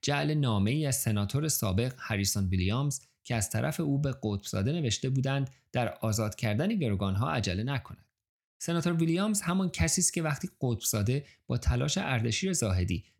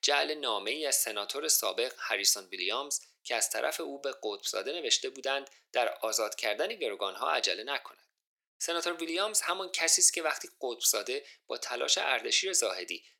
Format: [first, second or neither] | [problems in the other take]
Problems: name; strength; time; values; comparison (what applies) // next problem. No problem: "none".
first | thin; very; fading below 400 Hz